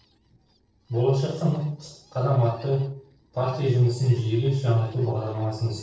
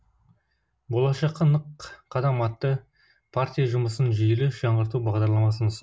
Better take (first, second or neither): second